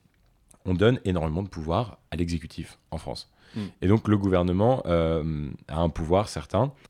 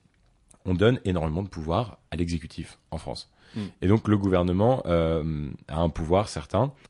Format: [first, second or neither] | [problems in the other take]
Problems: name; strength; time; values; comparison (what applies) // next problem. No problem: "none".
first | garbled, watery; slightly; nothing above 10 kHz